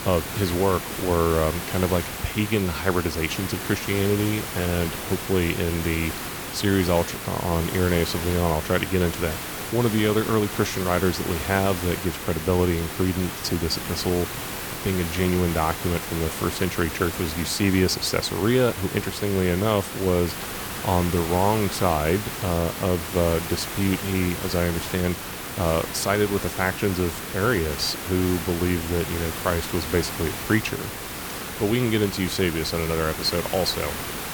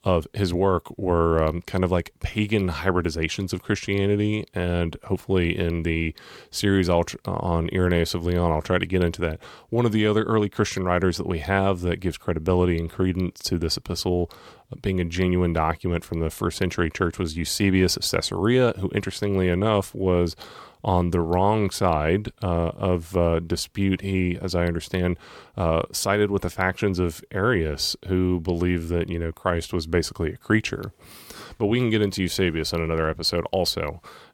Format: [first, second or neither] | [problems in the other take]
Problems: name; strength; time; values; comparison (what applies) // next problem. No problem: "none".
second | hiss; loud; throughout; 6 dB below the speech